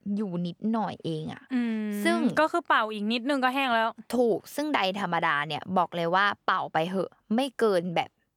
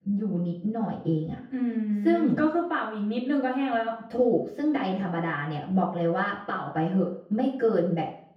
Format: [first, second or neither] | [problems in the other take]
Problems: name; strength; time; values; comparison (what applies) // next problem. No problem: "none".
first | room echo; noticeable; dies away in 0.6 s // off-mic speech; far